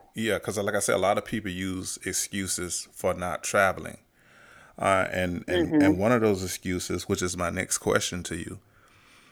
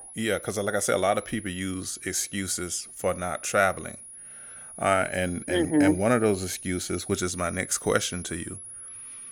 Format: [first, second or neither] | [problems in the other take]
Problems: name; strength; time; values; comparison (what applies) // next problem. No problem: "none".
first | high-pitched whine; noticeable; throughout; 10.5 kHz, 15 dB below the speech